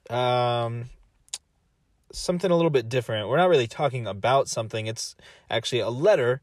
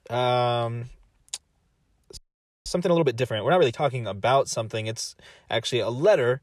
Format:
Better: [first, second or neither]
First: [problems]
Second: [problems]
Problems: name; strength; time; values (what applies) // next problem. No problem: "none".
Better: first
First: none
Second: audio freezing; at 2 s